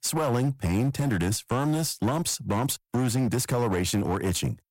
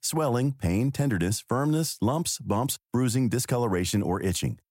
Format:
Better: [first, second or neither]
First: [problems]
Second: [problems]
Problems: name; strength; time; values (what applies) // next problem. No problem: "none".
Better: second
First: distortion; slight; 19% of the sound clipped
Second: none